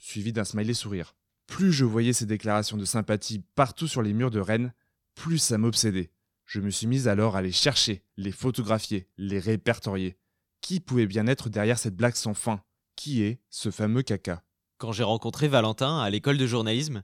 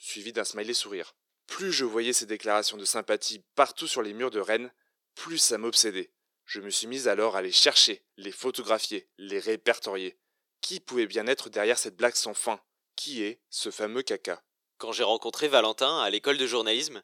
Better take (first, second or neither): first